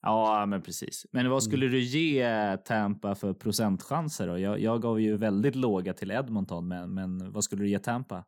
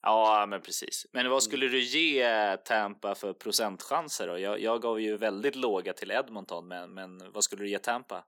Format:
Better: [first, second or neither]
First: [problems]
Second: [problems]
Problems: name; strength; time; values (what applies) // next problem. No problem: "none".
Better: first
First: none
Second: thin; somewhat; fading below 400 Hz